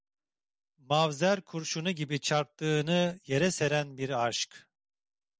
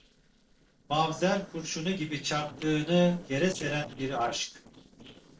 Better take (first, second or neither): first